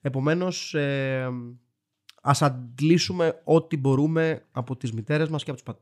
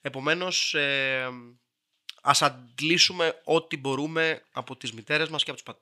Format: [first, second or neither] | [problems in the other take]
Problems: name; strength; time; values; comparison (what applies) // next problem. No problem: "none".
first | thin; somewhat; fading below 950 Hz